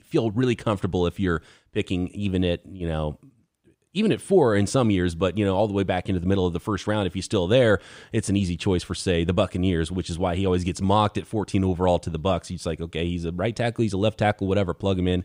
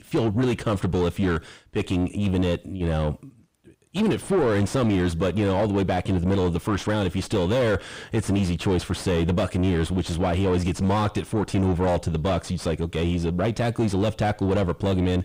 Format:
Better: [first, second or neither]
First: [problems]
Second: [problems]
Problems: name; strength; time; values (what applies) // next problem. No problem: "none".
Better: first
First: none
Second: distortion; heavy; 7 dB below the speech